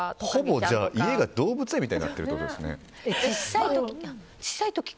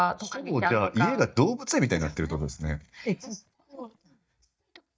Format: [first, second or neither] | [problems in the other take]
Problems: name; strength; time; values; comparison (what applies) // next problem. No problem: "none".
first | noise reduction (neural mask model DeepFilterNet 3)